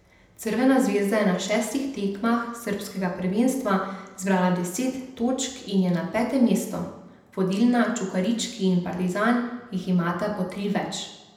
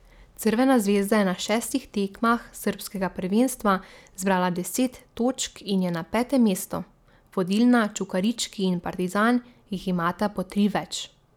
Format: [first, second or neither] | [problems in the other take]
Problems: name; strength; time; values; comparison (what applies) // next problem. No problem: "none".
second | room echo; dies away in 0.8 s